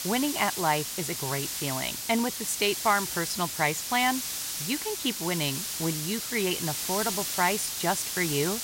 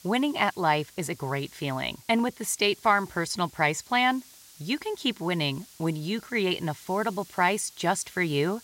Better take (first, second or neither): second